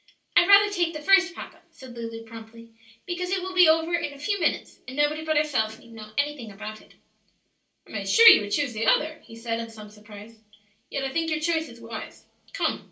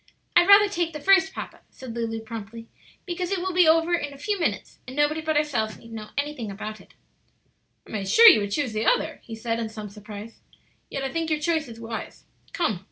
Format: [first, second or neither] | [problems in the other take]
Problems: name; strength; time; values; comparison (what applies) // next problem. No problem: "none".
second | room echo; dies away in 0.3 s